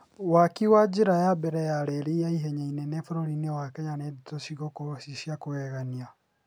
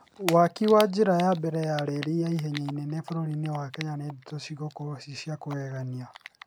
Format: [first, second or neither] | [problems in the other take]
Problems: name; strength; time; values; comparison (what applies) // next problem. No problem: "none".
first | background sound (Typing); 16 dB below the speech